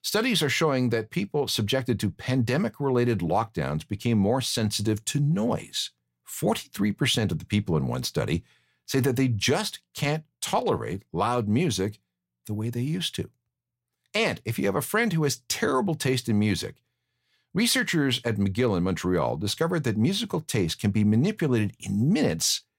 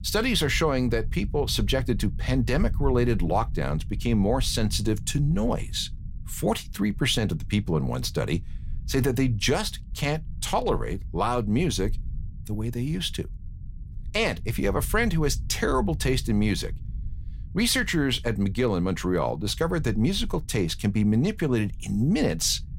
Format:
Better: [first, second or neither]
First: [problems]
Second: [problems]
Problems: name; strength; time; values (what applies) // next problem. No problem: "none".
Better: first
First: none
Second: low rumble; faint; throughout; 25 dB below the speech